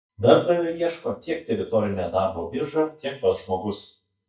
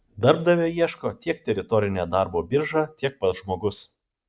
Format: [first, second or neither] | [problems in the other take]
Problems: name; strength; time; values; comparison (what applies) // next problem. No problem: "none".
second | noise reduction (neural mask model DeepFilterNet 3)